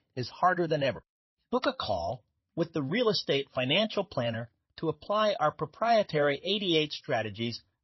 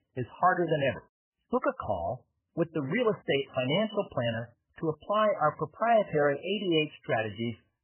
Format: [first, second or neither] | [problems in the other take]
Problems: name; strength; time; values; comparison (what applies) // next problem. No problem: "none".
first | garbled, watery; badly; nothing above 3 kHz; slightly in the first